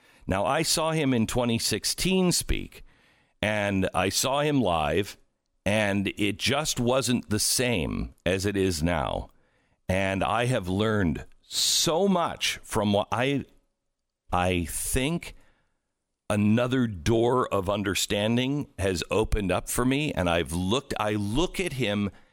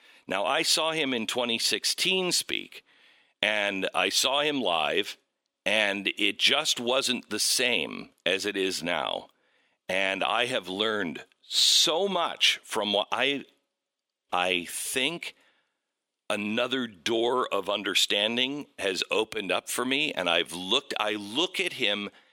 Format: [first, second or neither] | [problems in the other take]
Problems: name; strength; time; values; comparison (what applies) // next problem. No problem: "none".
first | thin; somewhat; fading below 350 Hz